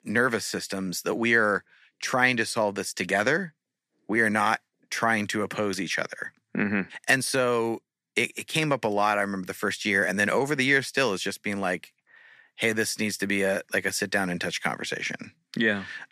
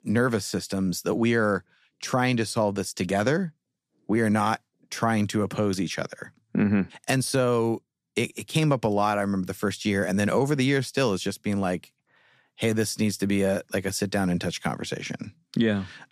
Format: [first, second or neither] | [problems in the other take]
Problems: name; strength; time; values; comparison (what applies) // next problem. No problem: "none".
second | thin; somewhat; fading below 350 Hz